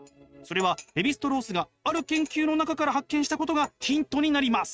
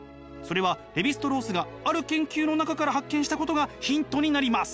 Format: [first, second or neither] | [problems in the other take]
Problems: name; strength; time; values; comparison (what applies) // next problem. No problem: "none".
second | noise reduction (neural mask model RNNoise)